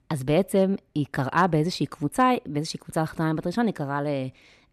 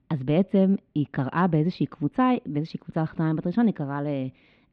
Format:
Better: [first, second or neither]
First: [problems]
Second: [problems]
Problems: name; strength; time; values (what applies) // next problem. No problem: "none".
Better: first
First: none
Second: muffled; slightly; fading above 3.5 kHz